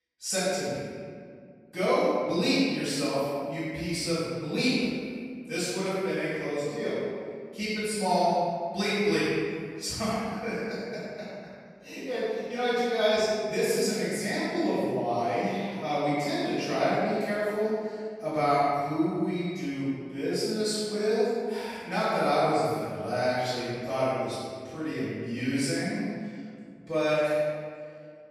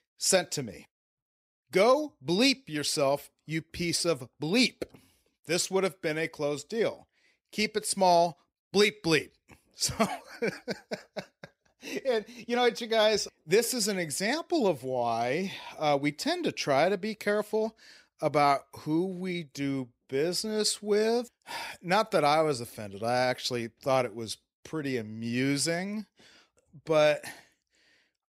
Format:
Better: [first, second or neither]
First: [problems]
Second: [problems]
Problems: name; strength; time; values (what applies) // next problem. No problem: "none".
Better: second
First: room echo; strong; dies away in 1.8 s // off-mic speech; far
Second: none